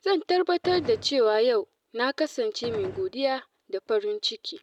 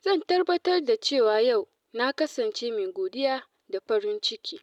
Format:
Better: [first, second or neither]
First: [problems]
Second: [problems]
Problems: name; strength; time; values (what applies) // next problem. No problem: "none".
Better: second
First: background sound (Gunshot, gunfire); 14 dB below the speech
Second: none